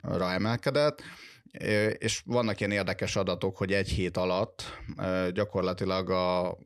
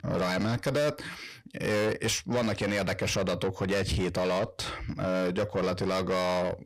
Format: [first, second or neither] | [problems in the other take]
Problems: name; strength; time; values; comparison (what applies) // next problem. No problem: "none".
first | distortion; heavy; 8 dB below the speech